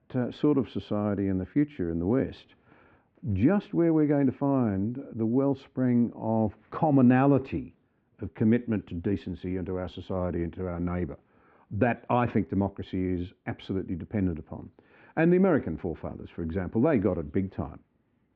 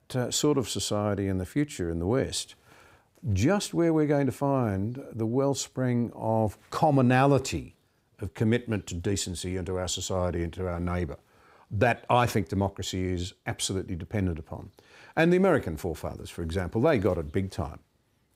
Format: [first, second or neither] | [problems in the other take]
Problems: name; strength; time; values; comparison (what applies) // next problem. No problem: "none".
second | muffled; very; fading above 2.5 kHz